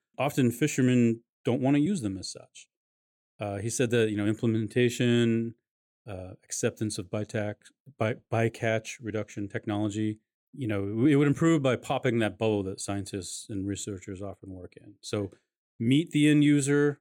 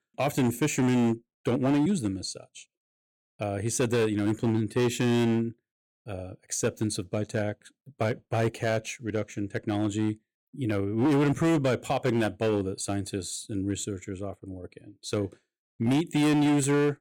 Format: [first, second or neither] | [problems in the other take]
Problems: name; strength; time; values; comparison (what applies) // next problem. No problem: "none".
first | distortion; slight; 9% of the sound clipped